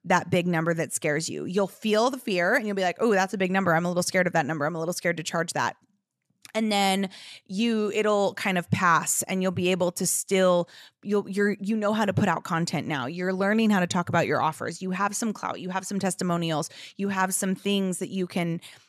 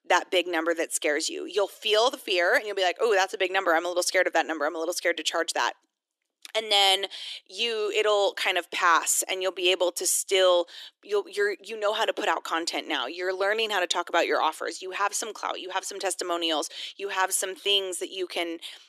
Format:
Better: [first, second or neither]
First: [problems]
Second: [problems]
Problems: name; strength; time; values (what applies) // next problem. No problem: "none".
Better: first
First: none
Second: thin; very; fading below 300 Hz